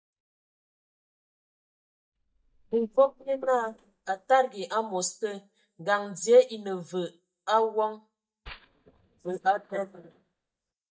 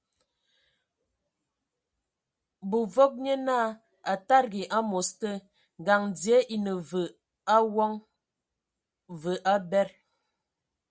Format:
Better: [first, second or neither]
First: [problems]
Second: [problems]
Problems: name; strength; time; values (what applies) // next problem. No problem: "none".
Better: second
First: noise reduction (neural mask model DeepFilterNet 3)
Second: none